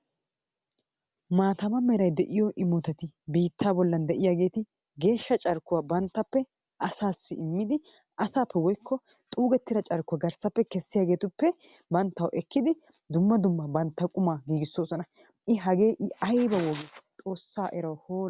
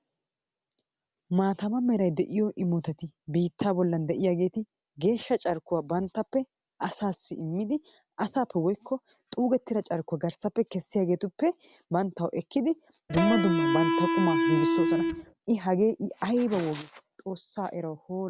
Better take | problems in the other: first | background sound (Electric guitar); 4 dB above the speech

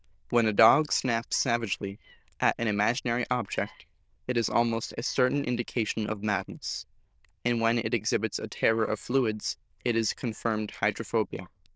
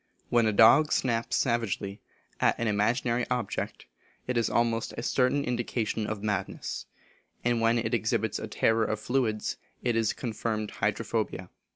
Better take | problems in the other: second | noise reduction (neural diffusion model UNIVERSE++)

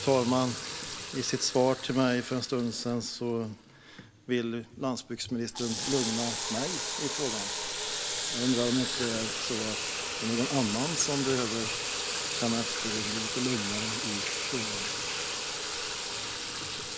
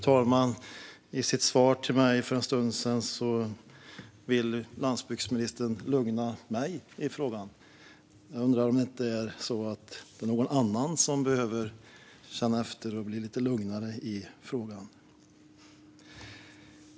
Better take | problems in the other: second | background sound (Sink (filling or washing) / Water tap, faucet); 2 dB below the speech

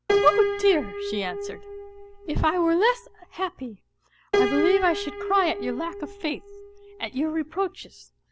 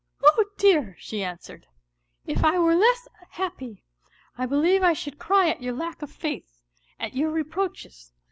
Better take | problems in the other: second | background sound (Piano); 4 dB below the speech

